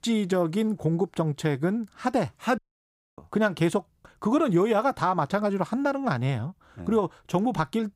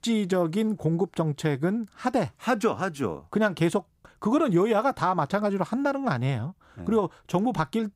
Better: second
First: audio cutting out; at 2.5 s for 0.5 s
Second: none

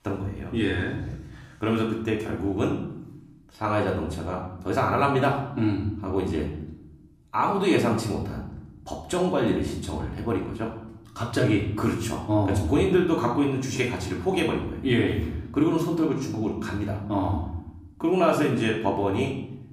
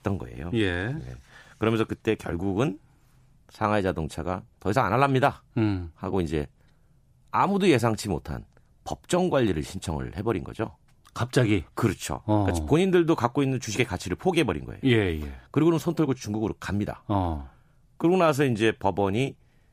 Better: second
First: room echo; slight; dies away in 0.7 s // off-mic speech; far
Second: none

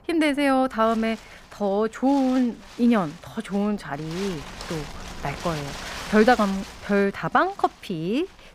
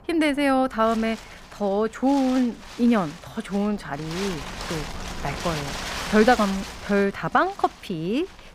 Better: first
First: wind noise on the microphone; occasional gusts; 15 dB below the speech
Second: wind noise on the microphone; heavy; 10 dB below the speech

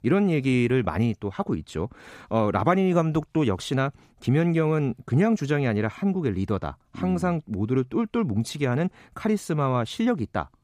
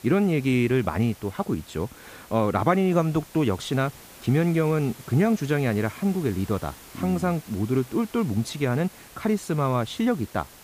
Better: first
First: none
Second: hiss; faint; throughout; 20 dB below the speech

